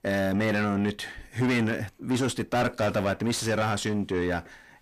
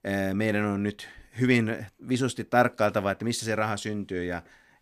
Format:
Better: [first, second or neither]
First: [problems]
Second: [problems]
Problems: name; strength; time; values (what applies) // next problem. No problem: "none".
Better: second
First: distortion; heavy; 6 dB below the speech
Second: none